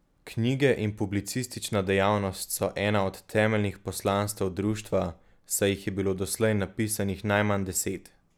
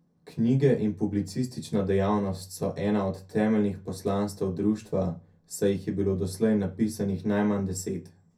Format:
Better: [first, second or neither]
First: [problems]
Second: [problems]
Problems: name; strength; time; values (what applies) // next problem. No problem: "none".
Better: first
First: none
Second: room echo; dies away in 0.3 s